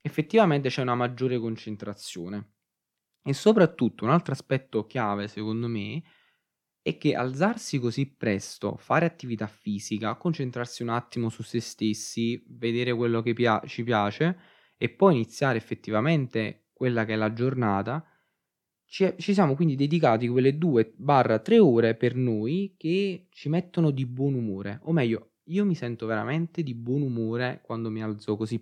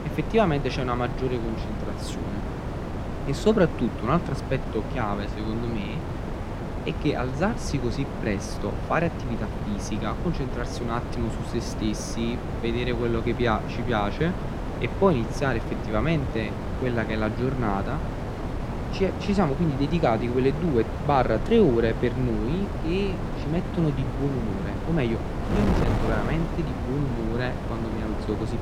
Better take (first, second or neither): first